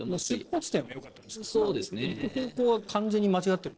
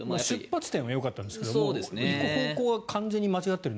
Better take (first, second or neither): second